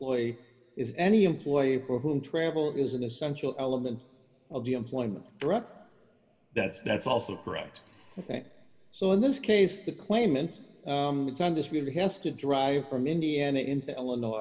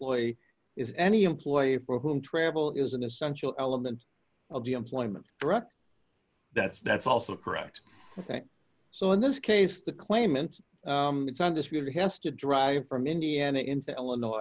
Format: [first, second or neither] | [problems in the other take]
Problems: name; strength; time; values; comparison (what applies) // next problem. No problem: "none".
second | room echo; dies away in 1.6 s